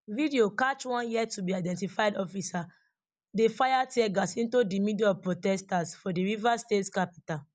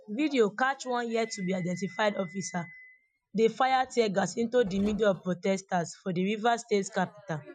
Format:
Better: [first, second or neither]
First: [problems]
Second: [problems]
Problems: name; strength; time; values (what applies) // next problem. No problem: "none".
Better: first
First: none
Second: noise reduction (classical method Wiener filter)